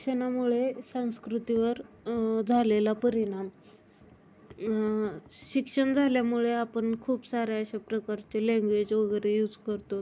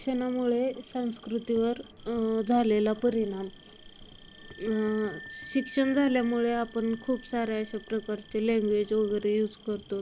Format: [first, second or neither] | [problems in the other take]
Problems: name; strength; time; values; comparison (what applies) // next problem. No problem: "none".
first | background sound (Insect + Wind instrument, woodwind instrument); 20 dB below the speech